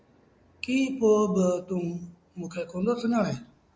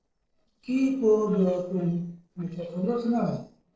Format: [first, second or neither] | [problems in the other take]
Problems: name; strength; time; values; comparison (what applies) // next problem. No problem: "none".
first | noise reduction (neural separator model SepFormer DNS4)